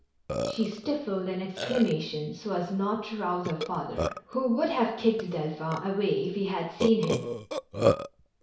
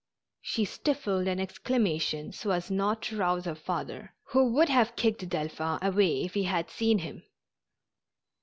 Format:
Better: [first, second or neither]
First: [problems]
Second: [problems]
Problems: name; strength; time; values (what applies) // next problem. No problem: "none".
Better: second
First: background sound (Burping, eructation); 5 dB below the speech // room echo; dies away in 0.6 s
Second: none